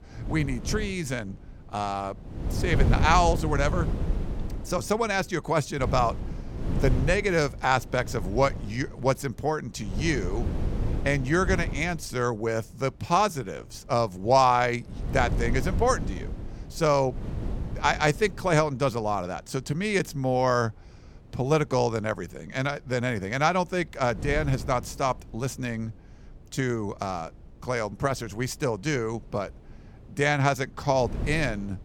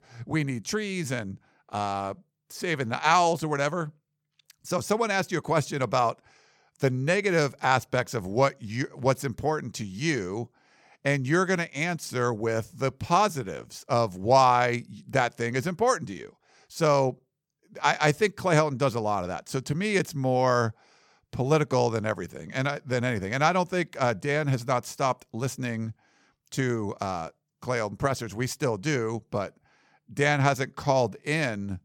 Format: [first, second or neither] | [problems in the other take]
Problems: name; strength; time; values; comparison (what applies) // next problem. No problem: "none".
second | wind noise on the microphone; occasional gusts; 15 dB below the speech